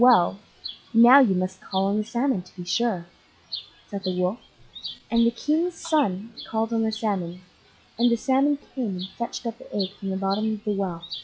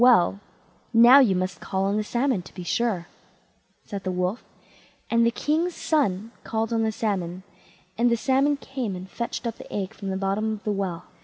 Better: second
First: noise reduction (classical method log-MMSE)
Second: none

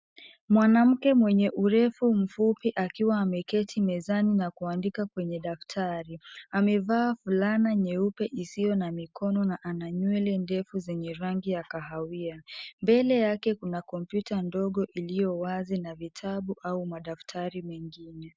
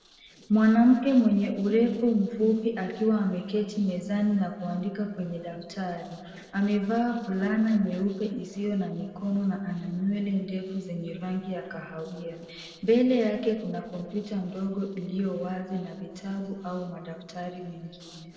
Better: first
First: none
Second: noise reduction (neural separator model SepFormer DNS4)

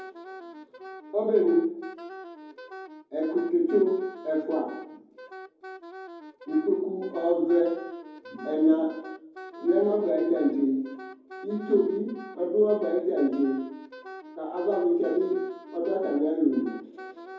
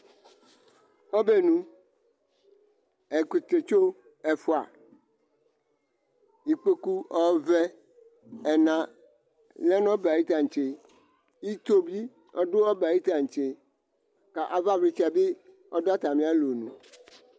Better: second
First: background sound (Wind instrument, woodwind instrument); 16 dB below the speech // room echo; dies away in 0.9 s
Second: none

